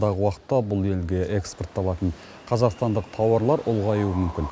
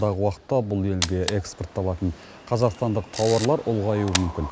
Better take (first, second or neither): first